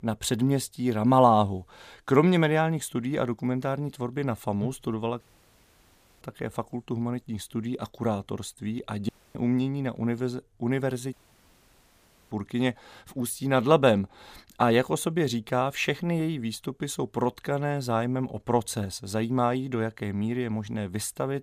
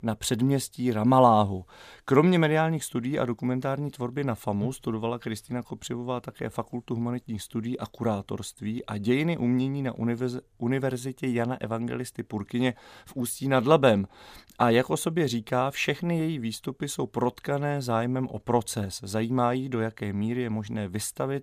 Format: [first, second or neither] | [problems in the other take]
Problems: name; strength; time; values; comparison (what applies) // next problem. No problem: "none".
second | audio cutting out; at 5 s for 1 s, at 9 s and at 11 s for 1 s